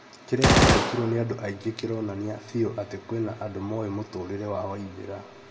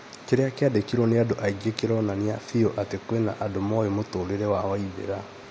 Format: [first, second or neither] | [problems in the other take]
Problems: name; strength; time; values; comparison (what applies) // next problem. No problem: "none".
second | background sound (Gunshot, gunfire); 5 dB above the speech // room echo; dies away in 0.6 s